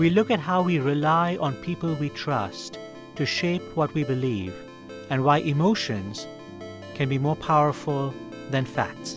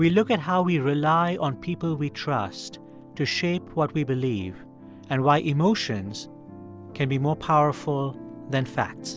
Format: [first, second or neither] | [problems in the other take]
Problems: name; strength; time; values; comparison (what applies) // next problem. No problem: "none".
second | background sound (Ringtone); 18 dB below the speech